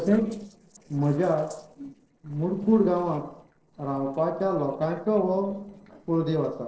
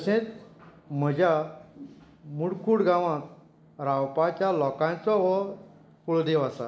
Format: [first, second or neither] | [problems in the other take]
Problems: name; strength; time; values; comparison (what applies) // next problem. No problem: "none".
second | noise reduction (neural separator model SepFormer DNS4)